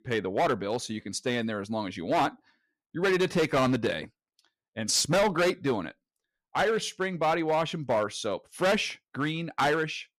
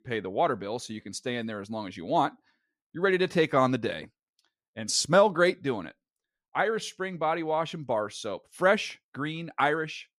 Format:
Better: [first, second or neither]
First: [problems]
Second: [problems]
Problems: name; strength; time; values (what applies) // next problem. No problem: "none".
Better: second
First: distortion; heavy; 8% of the sound clipped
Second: none